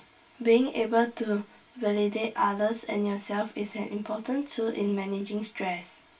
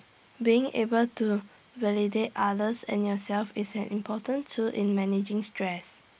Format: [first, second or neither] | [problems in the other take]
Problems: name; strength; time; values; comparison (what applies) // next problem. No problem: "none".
second | room echo; dies away in 0.2 s